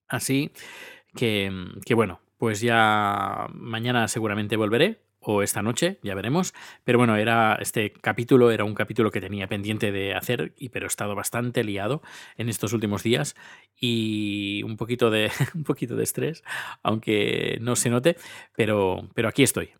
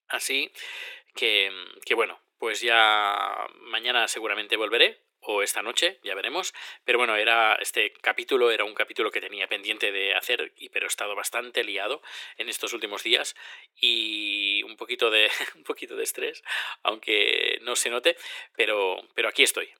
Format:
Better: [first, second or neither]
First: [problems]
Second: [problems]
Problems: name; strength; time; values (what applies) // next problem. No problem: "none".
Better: first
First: none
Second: thin; very; fading below 400 Hz